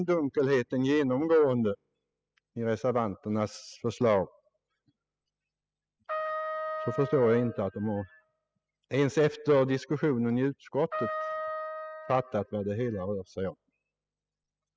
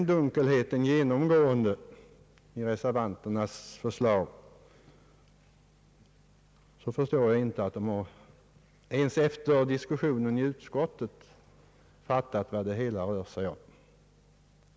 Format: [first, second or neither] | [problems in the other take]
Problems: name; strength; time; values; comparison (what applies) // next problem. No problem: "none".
second | noise reduction (classical method spectral subtraction)